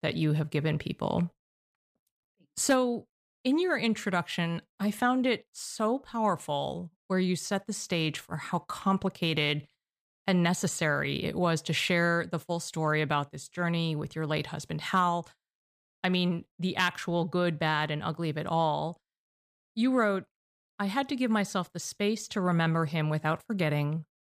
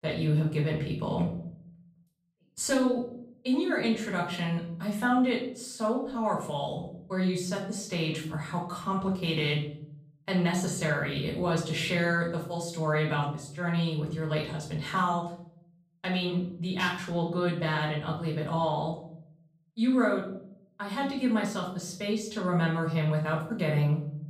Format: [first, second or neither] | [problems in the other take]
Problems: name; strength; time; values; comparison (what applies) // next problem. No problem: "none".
first | off-mic speech; far // room echo; slight; dies away in 0.6 s